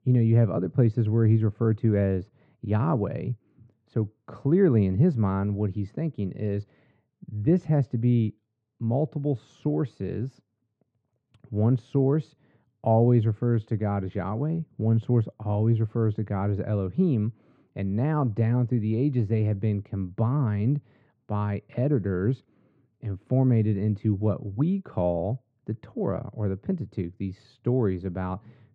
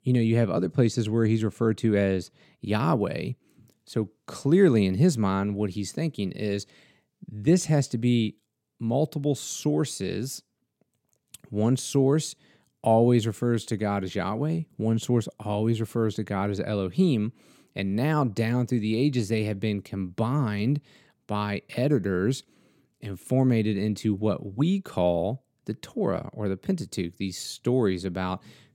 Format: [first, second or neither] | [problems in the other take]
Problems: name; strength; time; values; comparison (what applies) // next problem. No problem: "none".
second | muffled; very; fading above 1.5 kHz